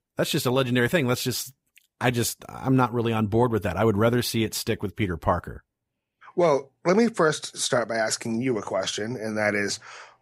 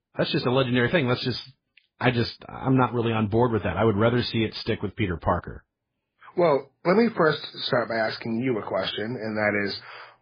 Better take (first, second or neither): first